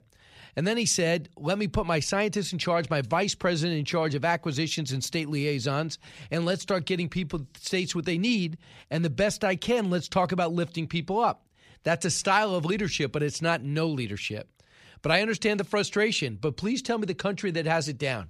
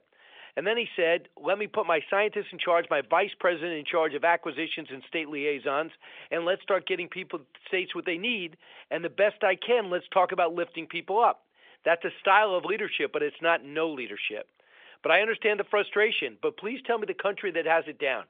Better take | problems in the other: first | phone-call audio; nothing above 3.5 kHz

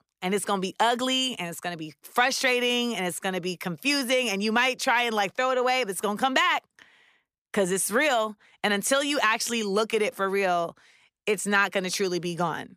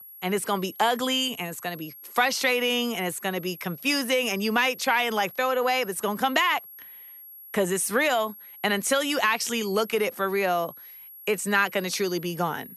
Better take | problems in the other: first | high-pitched whine; noticeable; throughout; 11.5 kHz, 15 dB below the speech

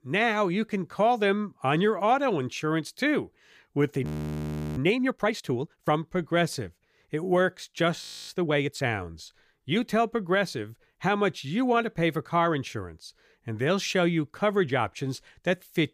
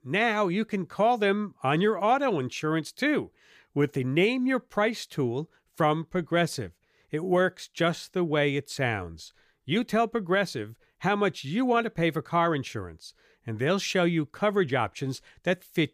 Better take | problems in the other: second | audio freezing; at 4 s for 0.5 s and at 8 s

